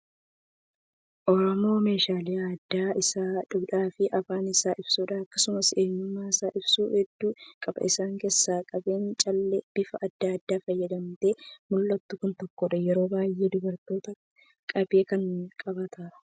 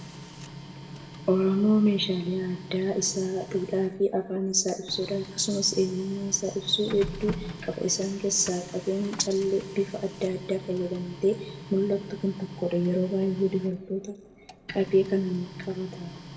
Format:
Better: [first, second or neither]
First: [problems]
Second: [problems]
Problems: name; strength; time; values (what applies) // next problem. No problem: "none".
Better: first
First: none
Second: background sound (Printer); 14 dB below the speech // room echo; dies away in 0.9 s